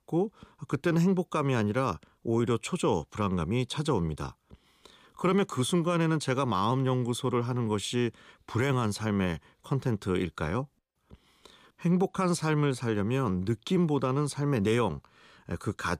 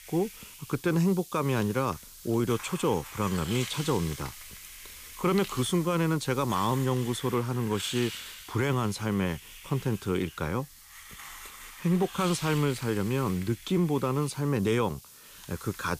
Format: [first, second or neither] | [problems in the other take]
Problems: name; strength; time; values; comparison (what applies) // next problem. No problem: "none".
first | hiss; noticeable; throughout; 15 dB below the speech